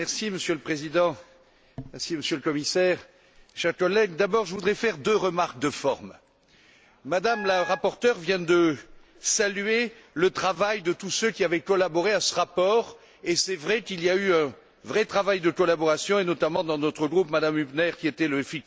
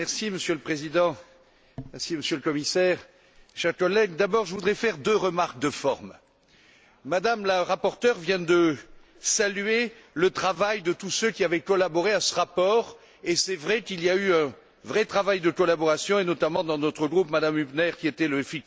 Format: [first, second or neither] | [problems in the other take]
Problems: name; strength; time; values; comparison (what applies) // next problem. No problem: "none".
second | background sound (Wind instrument, woodwind instrument); 12 dB below the speech